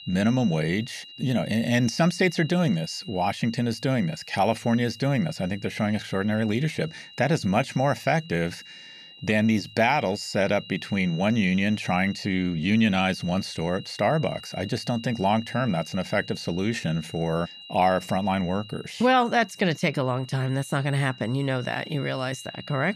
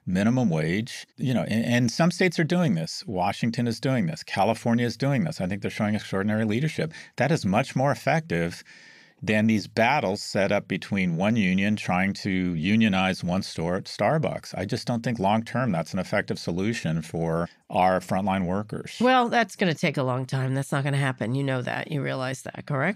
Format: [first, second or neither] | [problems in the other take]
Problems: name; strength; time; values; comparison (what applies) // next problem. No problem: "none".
second | high-pitched whine; noticeable; throughout; 3 kHz, 15 dB below the speech